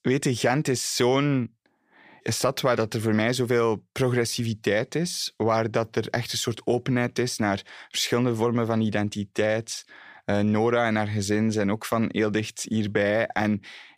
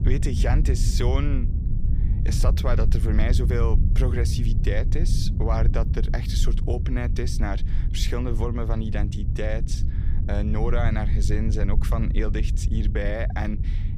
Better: first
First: none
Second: low rumble; loud; throughout; 8 dB below the speech

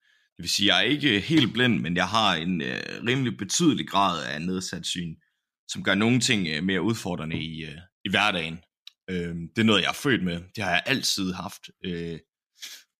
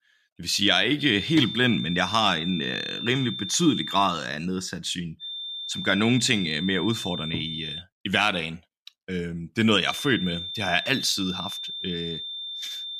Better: first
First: none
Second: high-pitched whine; loud; from 1 to 4 s, from 5 to 8 s and from 10 s on; 3.5 kHz, 7 dB below the speech

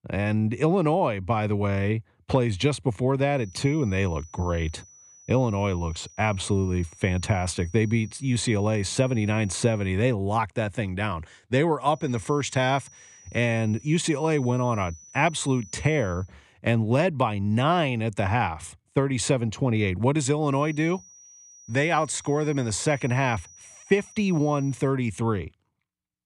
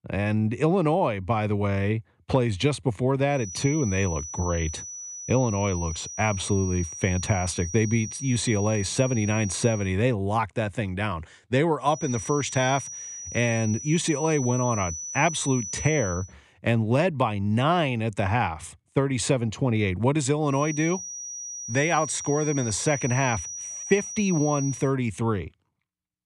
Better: first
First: high-pitched whine; faint; from 3.5 to 10 s, from 12 to 16 s and from 21 to 25 s; 6 kHz, 25 dB below the speech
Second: high-pitched whine; loud; from 3.5 to 10 s, from 12 to 16 s and from 21 to 25 s; 6 kHz, 9 dB below the speech

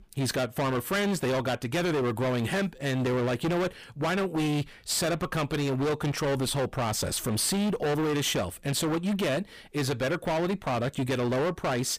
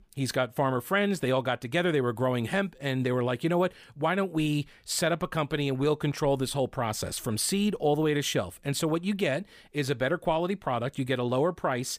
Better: second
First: distortion; heavy; 28% of the sound clipped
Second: none

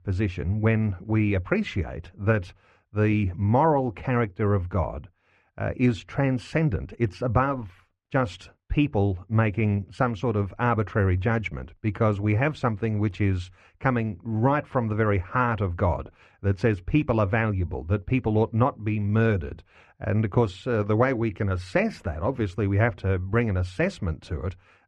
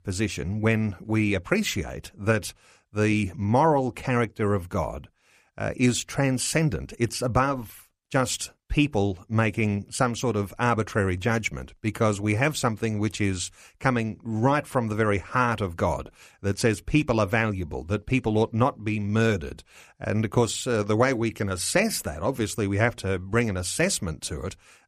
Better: second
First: muffled; very; fading above 2 kHz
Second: none

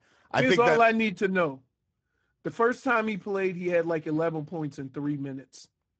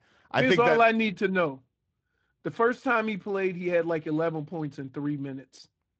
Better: second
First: garbled, watery; badly; nothing above 7.5 kHz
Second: garbled, watery; slightly; nothing above 7.5 kHz

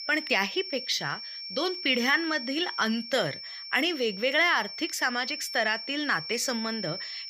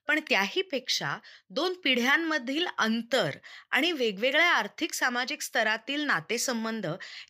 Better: second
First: high-pitched whine; loud; throughout; 5.5 kHz, 8 dB below the speech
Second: none

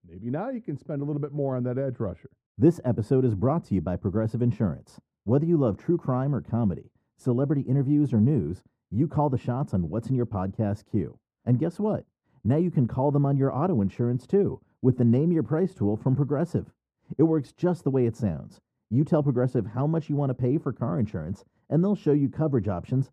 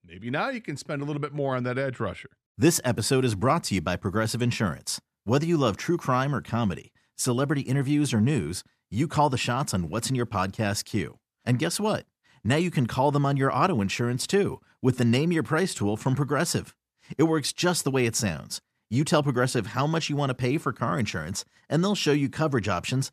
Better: second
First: muffled; very; fading above 1.5 kHz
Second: none

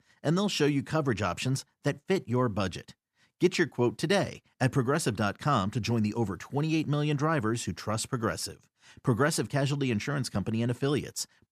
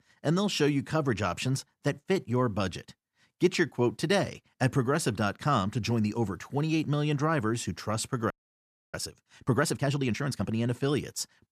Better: first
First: none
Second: audio freezing; at 8.5 s for 0.5 s

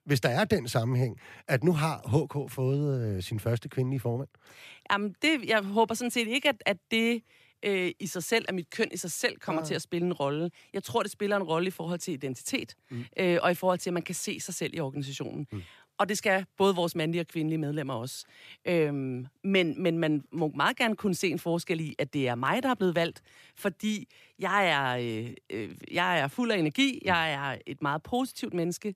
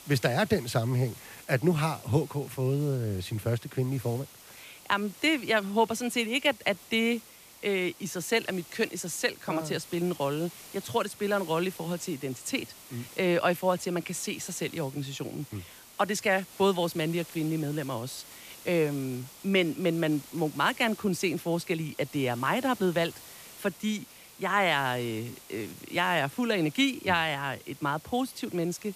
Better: first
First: none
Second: hiss; noticeable; throughout; 20 dB below the speech

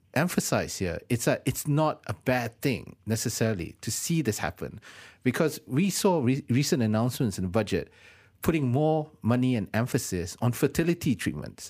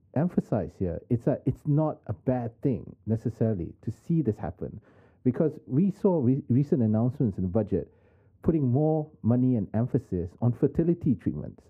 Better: first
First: none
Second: muffled; very; fading above 1.5 kHz

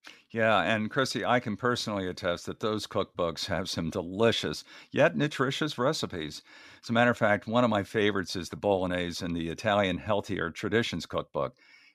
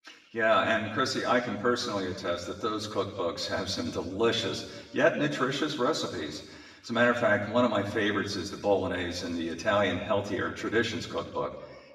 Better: first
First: none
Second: room echo; slight; dies away in 1.1 s // off-mic speech; far

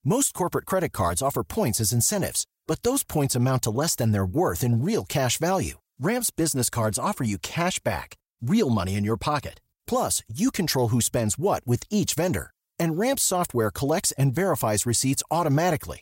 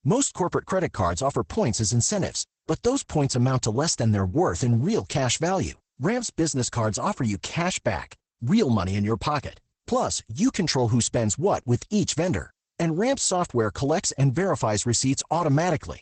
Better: first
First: none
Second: garbled, watery; badly; nothing above 8 kHz

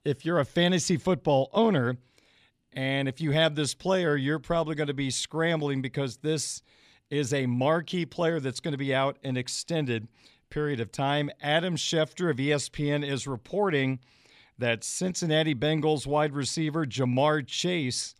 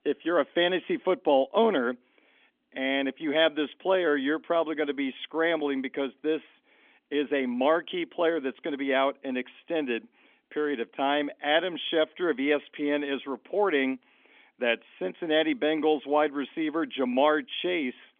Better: first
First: none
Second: phone-call audio; nothing above 3.5 kHz

